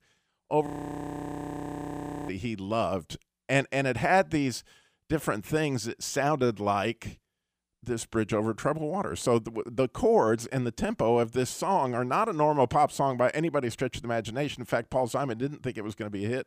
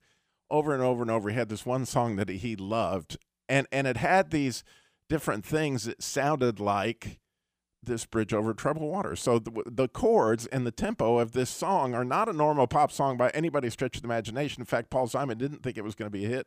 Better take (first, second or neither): second